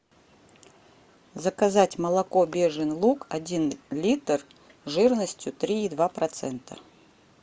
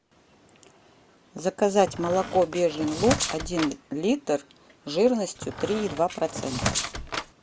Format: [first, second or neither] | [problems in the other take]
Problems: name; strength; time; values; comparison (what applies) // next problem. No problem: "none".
first | background sound (Squeak); 5 dB below the speech